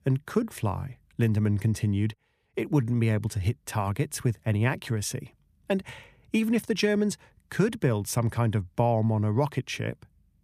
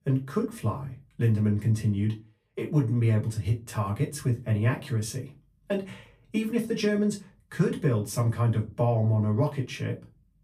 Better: first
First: none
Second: off-mic speech; far // room echo; very slight; dies away in 0.2 s

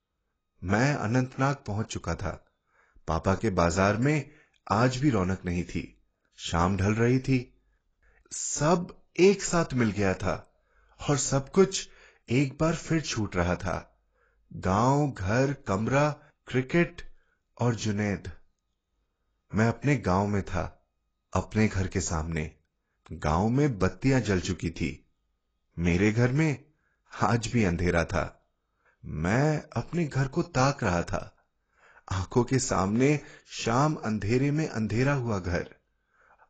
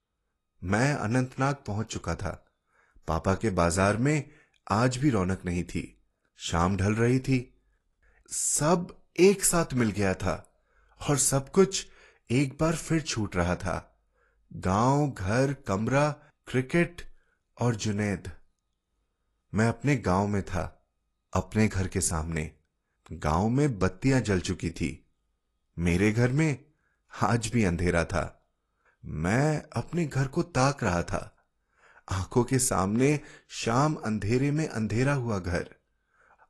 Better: second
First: garbled, watery; badly; nothing above 7.5 kHz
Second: garbled, watery; slightly; nothing above 11.5 kHz

